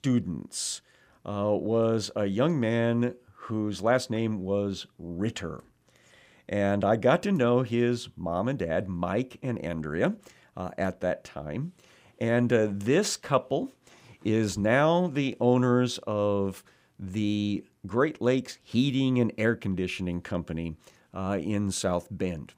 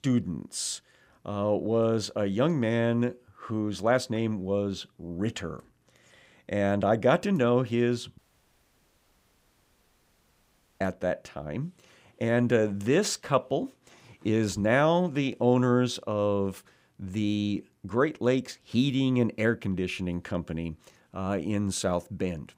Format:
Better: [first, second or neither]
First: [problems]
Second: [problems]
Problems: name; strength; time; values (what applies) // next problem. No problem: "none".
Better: first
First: none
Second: audio cutting out; at 8 s for 2.5 s